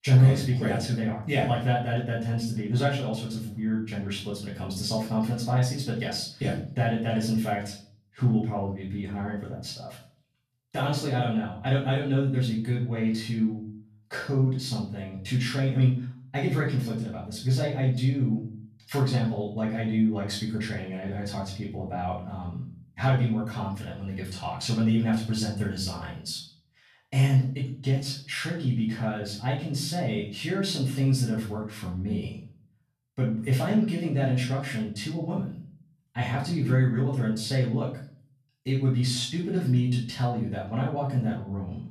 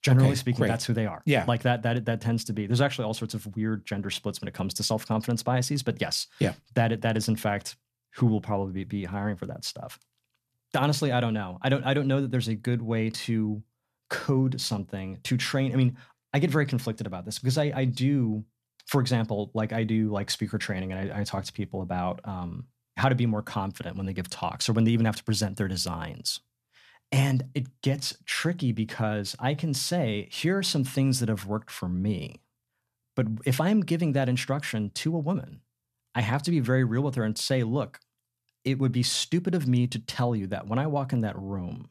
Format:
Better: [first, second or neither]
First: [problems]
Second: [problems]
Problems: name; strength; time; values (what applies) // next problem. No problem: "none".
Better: second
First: off-mic speech; far // room echo; noticeable; dies away in 0.4 s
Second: none